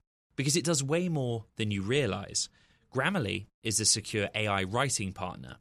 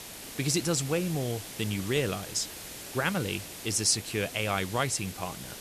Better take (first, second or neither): first